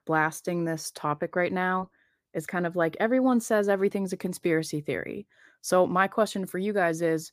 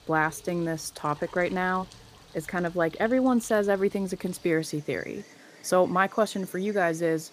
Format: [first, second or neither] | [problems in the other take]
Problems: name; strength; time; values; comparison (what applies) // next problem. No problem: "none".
first | animal sounds; faint; throughout; 25 dB below the speech